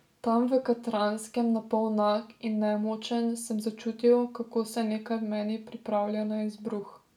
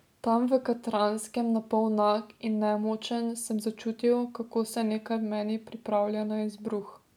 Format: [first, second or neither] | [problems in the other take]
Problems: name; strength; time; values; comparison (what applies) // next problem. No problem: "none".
second | room echo; dies away in 0.2 s